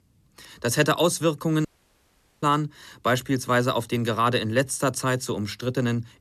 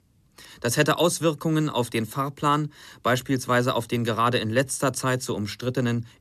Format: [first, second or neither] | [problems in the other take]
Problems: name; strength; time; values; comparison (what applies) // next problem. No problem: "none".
second | audio cutting out; at 1.5 s for 1 s